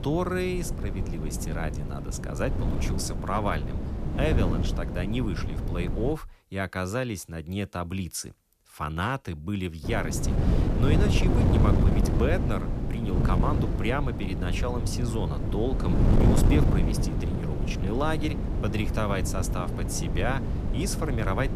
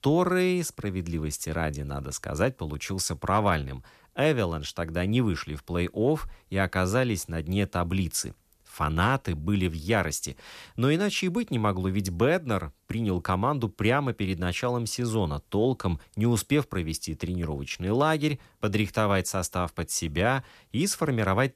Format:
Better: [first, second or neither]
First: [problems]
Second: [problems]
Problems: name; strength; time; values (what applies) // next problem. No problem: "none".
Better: second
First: wind noise on the microphone; heavy; until 6 s and from 10 s on; 3 dB below the speech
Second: none